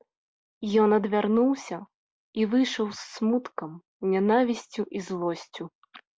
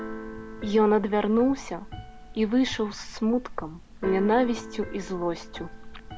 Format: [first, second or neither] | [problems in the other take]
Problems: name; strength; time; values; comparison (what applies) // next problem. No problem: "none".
first | background sound (Keyboard (musical)); 12 dB below the speech